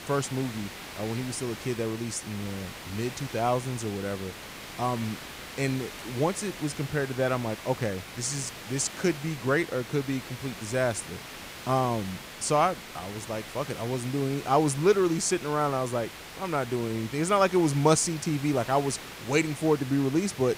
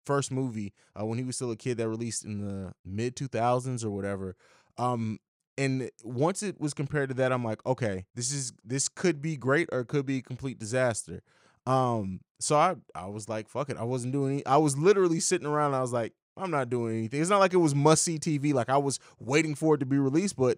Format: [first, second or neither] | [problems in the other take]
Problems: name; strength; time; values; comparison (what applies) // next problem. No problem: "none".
second | hiss; noticeable; throughout; 10 dB below the speech